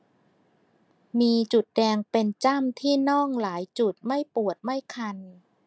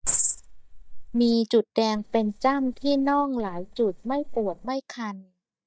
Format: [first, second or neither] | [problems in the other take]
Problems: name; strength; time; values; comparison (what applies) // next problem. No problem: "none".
first | noise reduction (neural mask model DeepFilterNet 3)